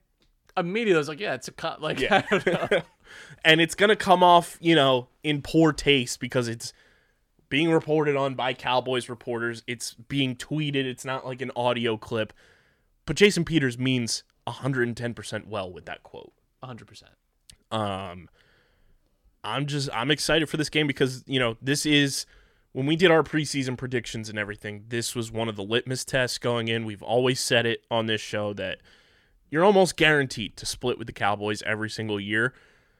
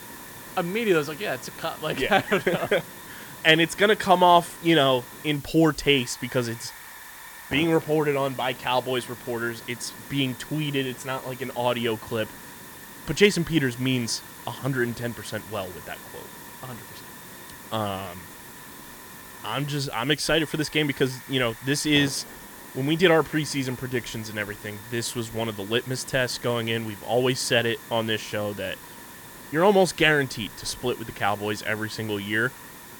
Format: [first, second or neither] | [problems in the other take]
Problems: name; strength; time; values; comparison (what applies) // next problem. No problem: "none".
first | hiss; noticeable; throughout; 15 dB below the speech